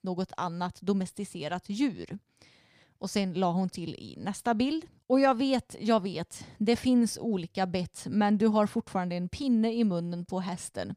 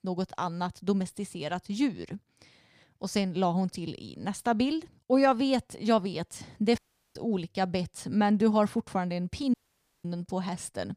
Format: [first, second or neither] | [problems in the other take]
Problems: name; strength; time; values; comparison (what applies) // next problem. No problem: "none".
first | audio cutting out; at 7 s and at 9.5 s for 0.5 s